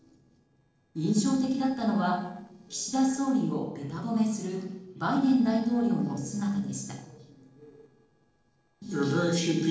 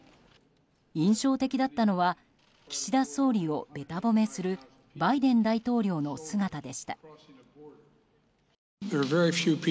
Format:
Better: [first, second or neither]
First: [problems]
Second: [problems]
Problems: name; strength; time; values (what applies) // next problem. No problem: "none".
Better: second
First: noise reduction (neural separator model SepFormer DNS4)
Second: none